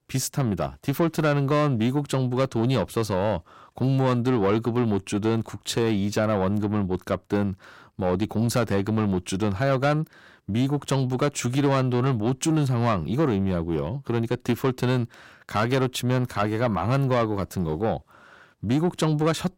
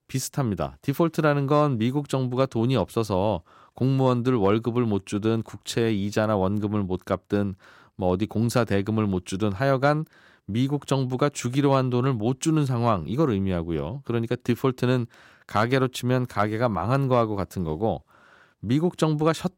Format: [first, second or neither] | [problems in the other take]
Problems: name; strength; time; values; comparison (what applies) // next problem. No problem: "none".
second | distortion; slight; 10 dB below the speech